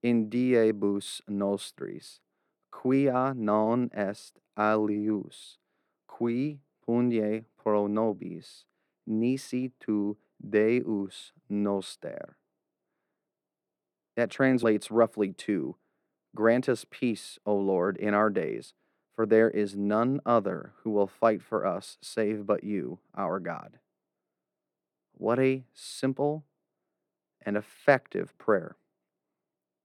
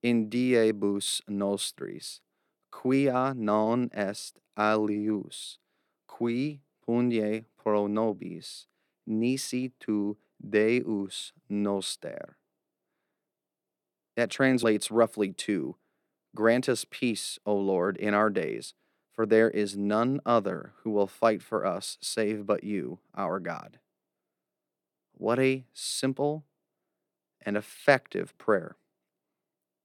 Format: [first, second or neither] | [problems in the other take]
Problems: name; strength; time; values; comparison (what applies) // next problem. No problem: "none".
second | muffled; slightly; fading above 2.5 kHz